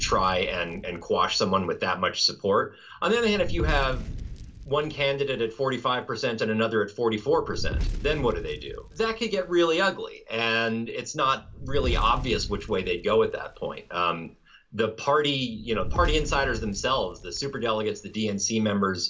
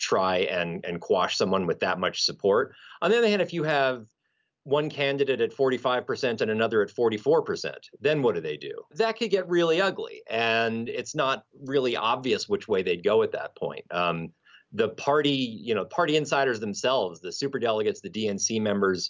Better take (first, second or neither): second